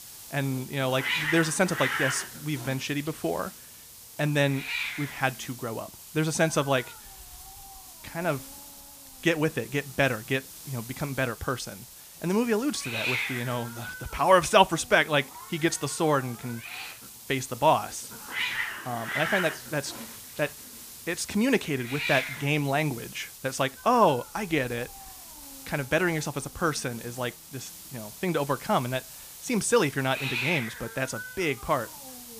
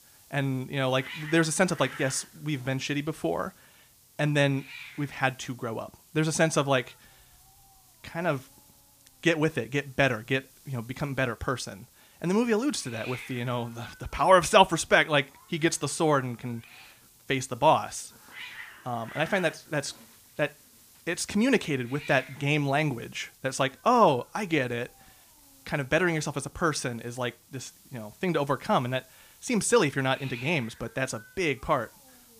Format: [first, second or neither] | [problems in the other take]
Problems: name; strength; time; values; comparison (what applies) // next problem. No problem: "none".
second | hiss; loud; throughout; 9 dB below the speech; faint in the second